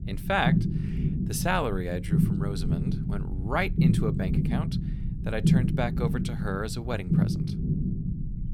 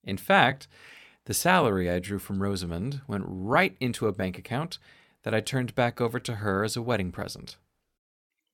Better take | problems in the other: second | low rumble; loud; throughout; 6 dB below the speech

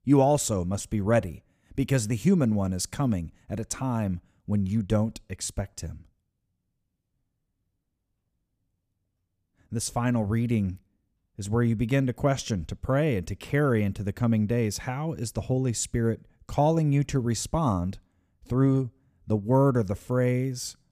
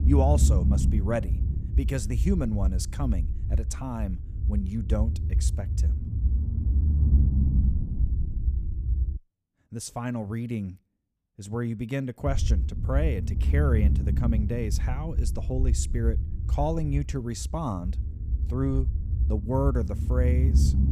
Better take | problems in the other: first | low rumble; loud; until 9 s and from 12 s on; 8 dB below the speech

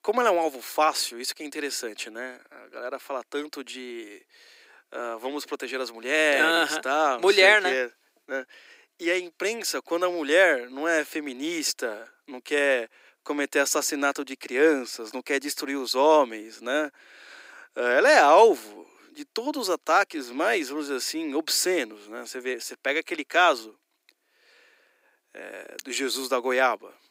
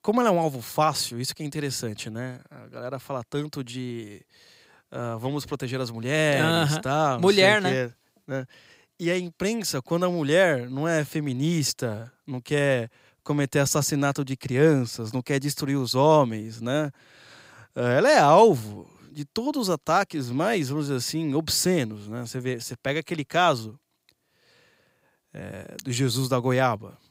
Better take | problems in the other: second | thin; somewhat; fading below 300 Hz

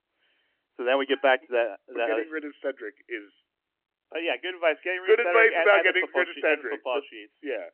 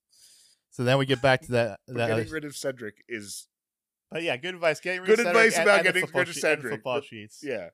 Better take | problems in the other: second | phone-call audio; nothing above 3 kHz

